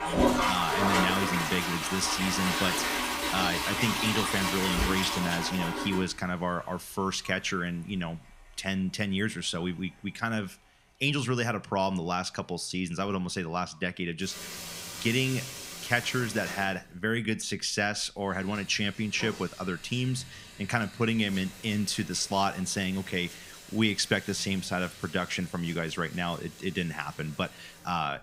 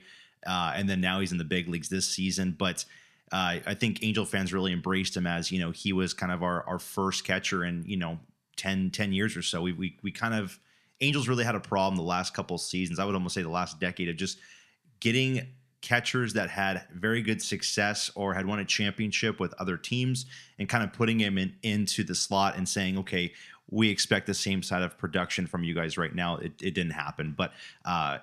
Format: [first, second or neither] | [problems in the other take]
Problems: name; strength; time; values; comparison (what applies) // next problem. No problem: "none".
second | household noises; loud; throughout; as loud as the speech